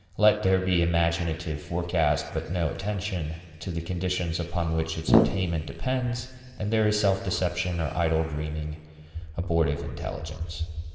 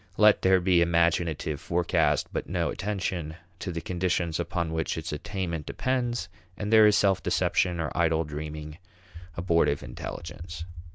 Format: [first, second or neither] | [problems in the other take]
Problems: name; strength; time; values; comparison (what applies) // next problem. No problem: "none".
second | background sound (Brass instrument); 3 dB above the speech // room echo; dies away in 2.9 s